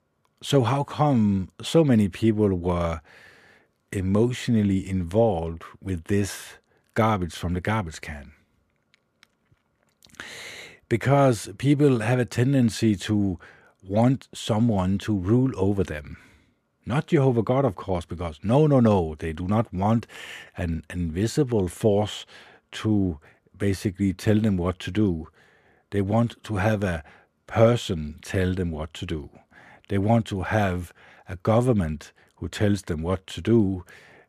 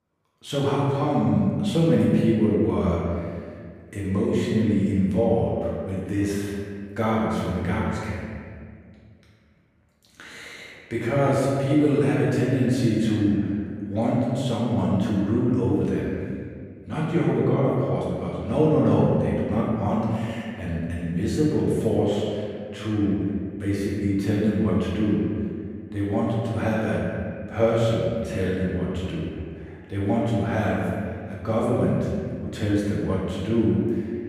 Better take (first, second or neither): first